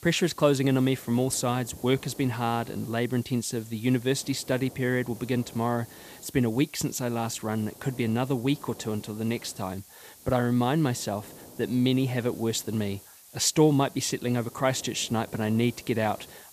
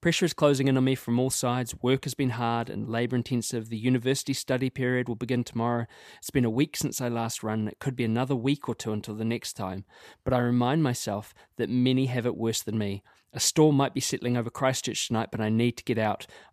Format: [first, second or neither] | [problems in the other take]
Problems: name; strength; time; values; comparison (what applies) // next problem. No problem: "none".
second | hiss; noticeable; throughout; 20 dB below the speech